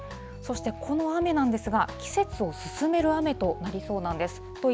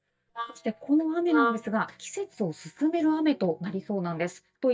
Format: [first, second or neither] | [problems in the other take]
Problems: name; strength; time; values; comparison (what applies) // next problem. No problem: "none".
first | noise reduction (neural mask model DeepFilterNet 3)